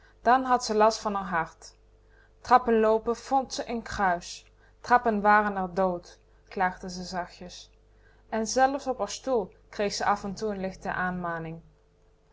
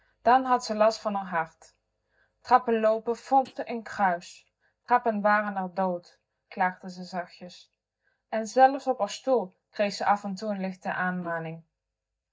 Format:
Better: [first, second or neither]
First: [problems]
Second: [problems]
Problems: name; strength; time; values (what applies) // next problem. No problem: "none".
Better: first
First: none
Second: noise reduction (neural mask model DeepFilterNet 3)